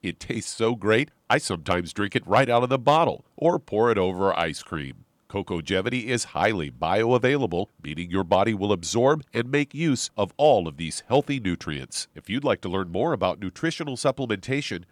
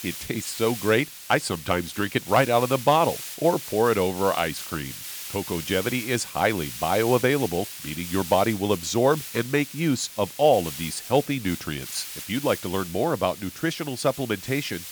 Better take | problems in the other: first | hiss; noticeable; throughout; 10 dB below the speech

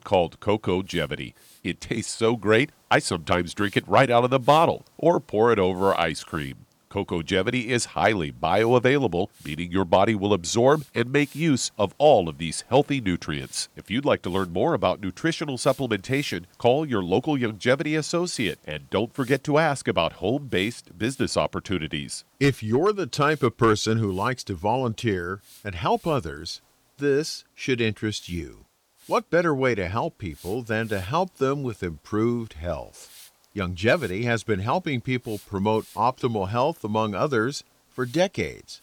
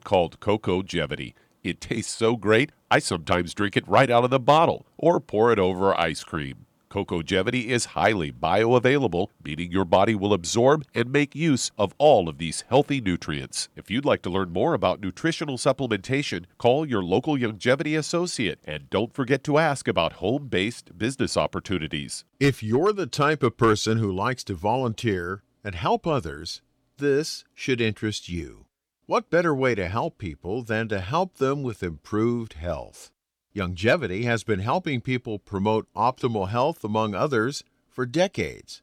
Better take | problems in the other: second | hiss; faint; throughout; 30 dB below the speech

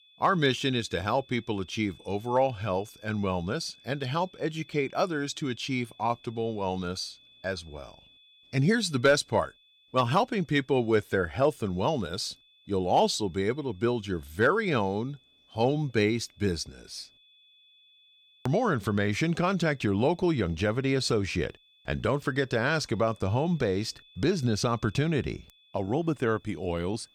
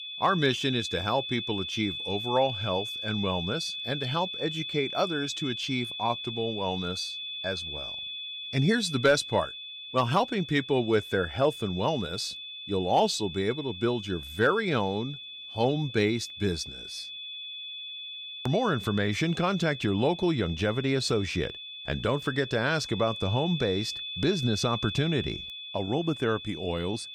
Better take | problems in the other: first | high-pitched whine; loud; throughout; 3.5 kHz, 7 dB below the speech; faint in the first

